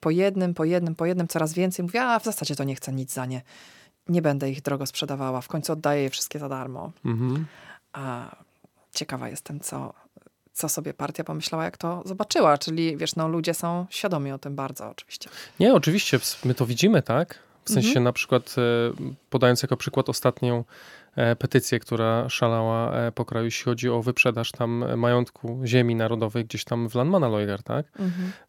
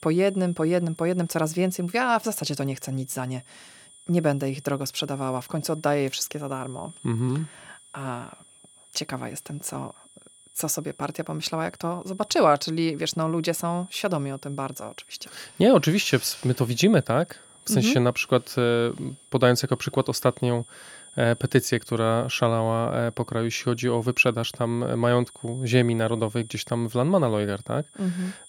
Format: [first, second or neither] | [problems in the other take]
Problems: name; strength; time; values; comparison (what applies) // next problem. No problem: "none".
first | high-pitched whine; faint; throughout; 9.5 kHz, 25 dB below the speech